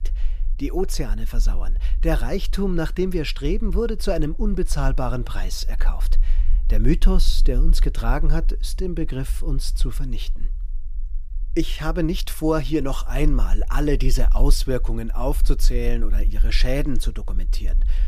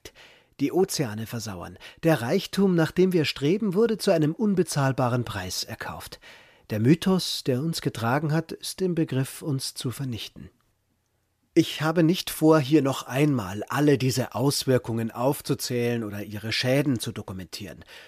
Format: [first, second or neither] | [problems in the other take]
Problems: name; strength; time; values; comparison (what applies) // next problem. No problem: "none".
second | low rumble; faint; throughout; 25 dB below the speech